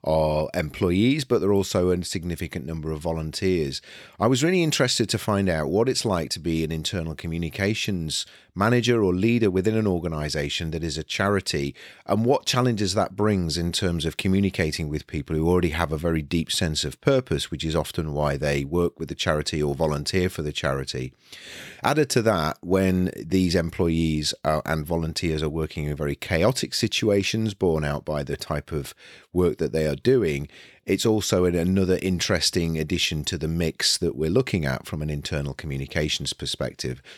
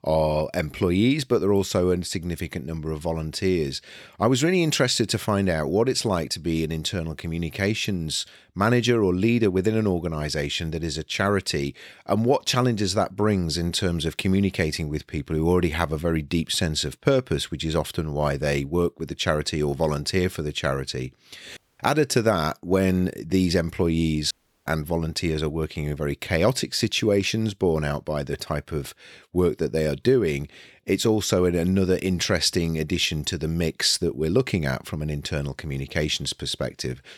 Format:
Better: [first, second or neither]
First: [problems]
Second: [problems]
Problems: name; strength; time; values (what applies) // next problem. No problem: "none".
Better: first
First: none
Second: audio cutting out; at 22 s and at 24 s